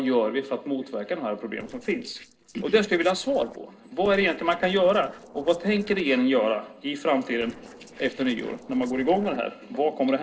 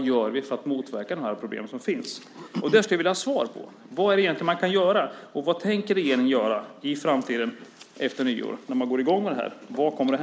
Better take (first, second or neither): second